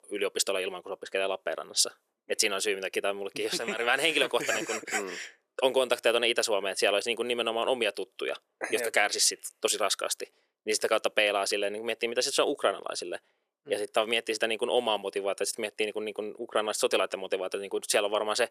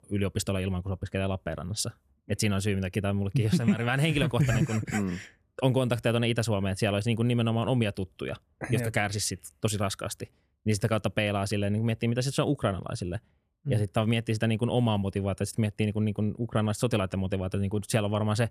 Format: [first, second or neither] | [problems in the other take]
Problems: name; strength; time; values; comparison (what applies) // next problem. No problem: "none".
second | thin; very; fading below 400 Hz